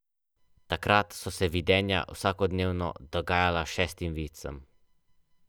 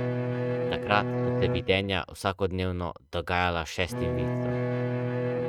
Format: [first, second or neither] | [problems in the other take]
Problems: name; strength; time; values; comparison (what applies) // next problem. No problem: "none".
first | noise reduction (neural mask model RNNoise)